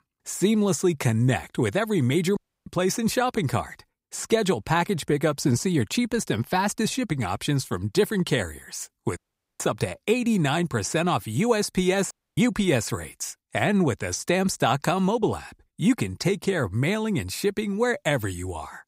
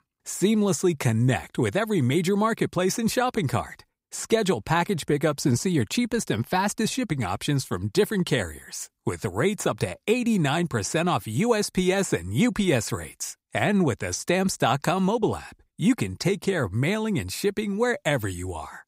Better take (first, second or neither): second